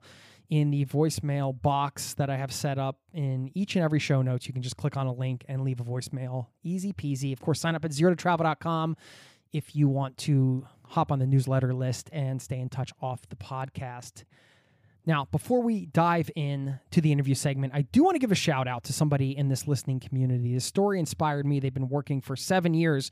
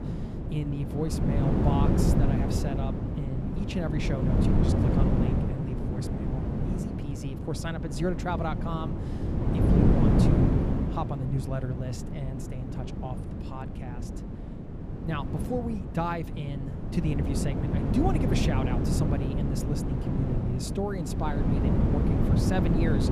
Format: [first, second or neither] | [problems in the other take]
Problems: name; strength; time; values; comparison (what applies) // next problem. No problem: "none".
first | wind noise on the microphone; heavy; 1 dB above the speech